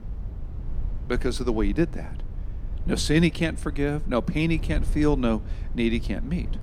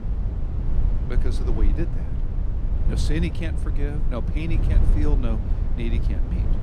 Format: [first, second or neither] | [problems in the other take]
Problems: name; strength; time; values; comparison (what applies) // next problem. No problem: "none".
first | low rumble; loud; throughout; 4 dB below the speech; faint in the first